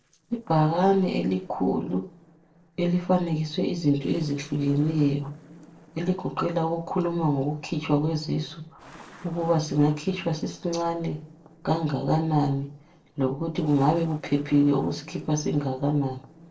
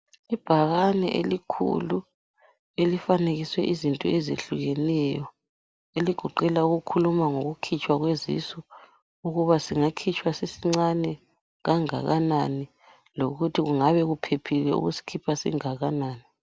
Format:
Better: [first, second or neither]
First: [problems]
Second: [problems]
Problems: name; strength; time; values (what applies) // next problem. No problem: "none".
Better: second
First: noise reduction (neural separator model SepFormer DNS4)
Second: none